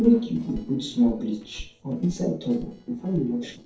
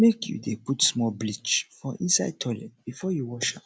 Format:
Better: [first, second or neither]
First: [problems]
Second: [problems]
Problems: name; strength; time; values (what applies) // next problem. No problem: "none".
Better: second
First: noise reduction (neural separator model SepFormer DNS4)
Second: none